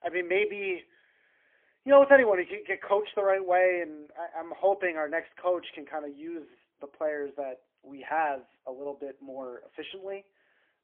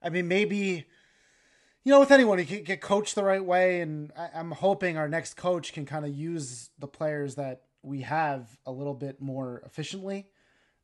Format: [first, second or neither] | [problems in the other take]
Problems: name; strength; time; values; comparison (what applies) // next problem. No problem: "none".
second | phone-call audio; poor line; nothing above 3.5 kHz